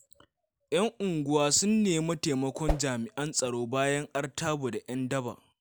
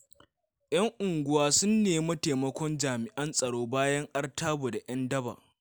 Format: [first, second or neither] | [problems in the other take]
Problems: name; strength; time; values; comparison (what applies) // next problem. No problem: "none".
second | background sound (Whoosh, swoosh, swish); 2 dB below the speech